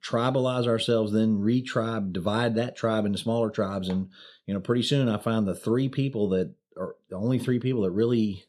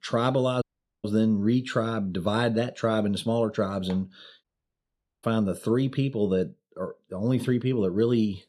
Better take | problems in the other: first | audio cutting out; at 0.5 s and at 4.5 s for 1 s

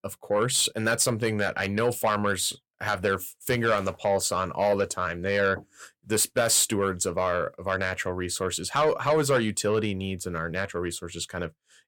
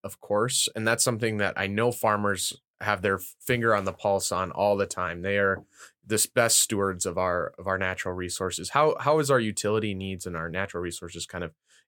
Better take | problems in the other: second | distortion; slight; 10 dB below the speech

